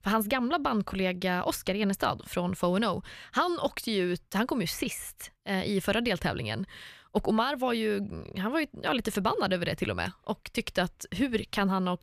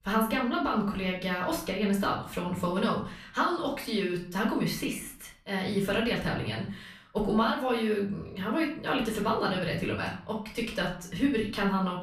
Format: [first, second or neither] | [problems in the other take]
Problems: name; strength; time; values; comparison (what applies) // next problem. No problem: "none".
first | off-mic speech; far // room echo; slight; dies away in 0.4 s